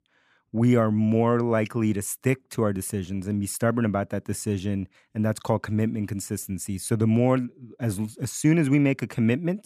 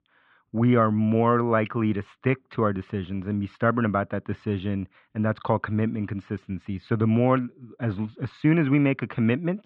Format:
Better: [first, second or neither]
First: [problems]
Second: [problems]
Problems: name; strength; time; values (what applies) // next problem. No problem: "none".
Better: first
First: none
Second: muffled; very; fading above 3.5 kHz